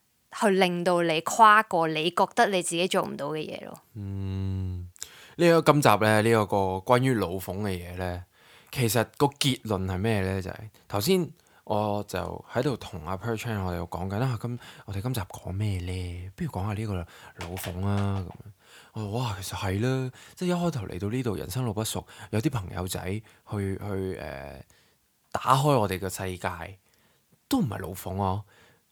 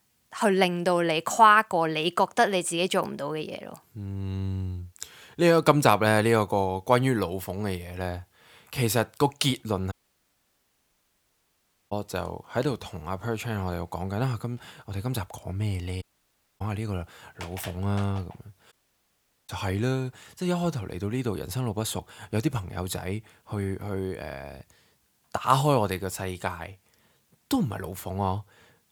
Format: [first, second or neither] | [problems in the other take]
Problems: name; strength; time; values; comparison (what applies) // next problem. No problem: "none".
first | audio cutting out; at 10 s for 2 s, at 16 s for 0.5 s and at 19 s for 1 s